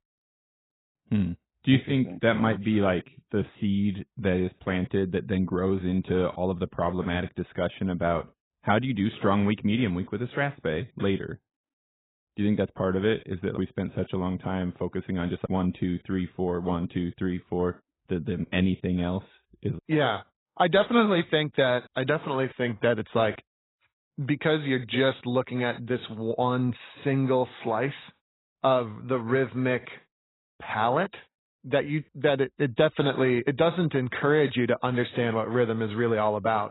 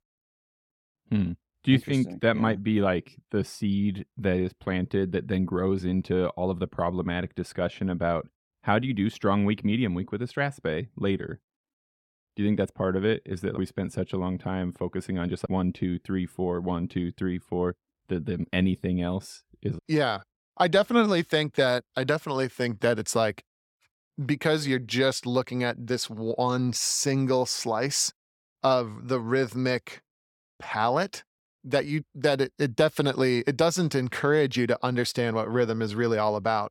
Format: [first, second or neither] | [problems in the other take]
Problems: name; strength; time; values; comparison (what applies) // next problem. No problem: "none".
second | garbled, watery; badly; nothing above 4 kHz